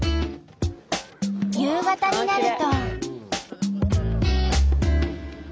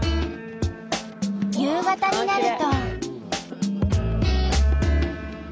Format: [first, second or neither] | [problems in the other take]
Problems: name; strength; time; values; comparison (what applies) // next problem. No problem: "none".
first | background sound (Guitar); 16 dB below the speech